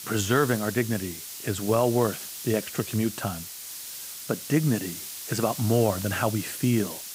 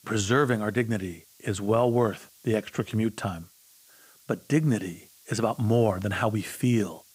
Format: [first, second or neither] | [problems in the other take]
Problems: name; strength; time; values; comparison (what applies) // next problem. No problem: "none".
second | hiss; loud; throughout; 9 dB below the speech; faint in the second